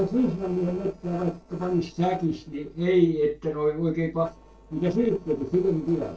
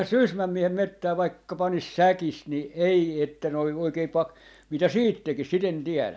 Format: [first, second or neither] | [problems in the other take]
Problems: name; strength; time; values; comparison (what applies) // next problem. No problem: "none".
second | noise reduction (neural separator model SepFormer DNS4)